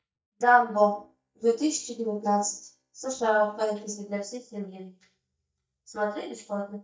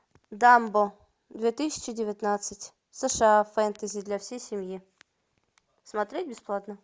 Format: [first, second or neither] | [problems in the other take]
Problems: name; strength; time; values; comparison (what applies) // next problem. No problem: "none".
second | noise reduction (neural mask model DeepFilterNet 3)